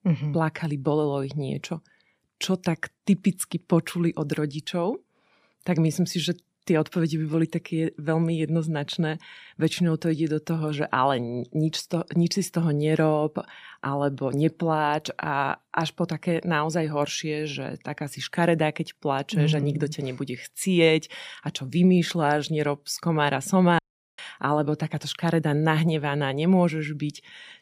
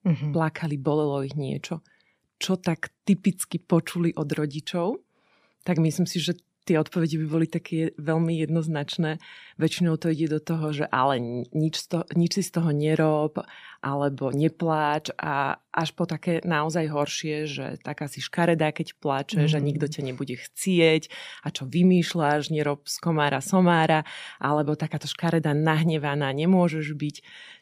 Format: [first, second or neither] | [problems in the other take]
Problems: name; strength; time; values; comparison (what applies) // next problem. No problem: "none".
second | audio cutting out; at 24 s